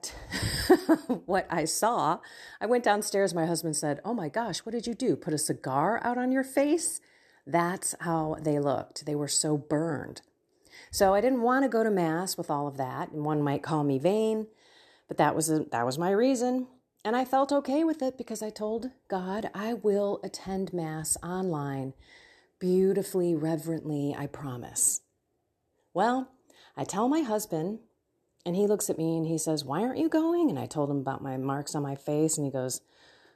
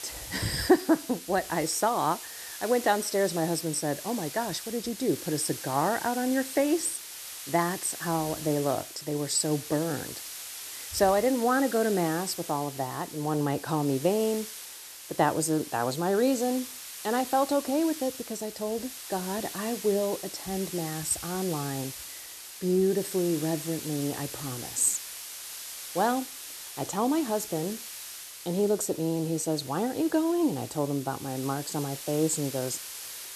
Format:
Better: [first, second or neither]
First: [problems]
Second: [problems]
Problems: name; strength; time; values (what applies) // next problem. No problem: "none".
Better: first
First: none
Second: hiss; loud; throughout; 10 dB below the speech